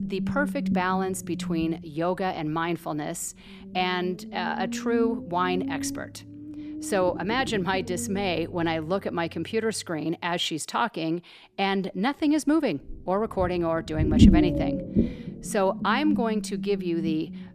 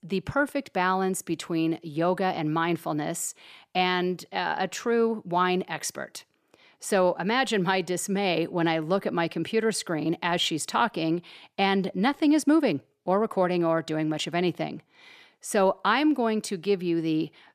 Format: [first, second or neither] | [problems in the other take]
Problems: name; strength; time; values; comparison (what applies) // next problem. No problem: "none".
second | low rumble; loud; throughout; 7 dB below the speech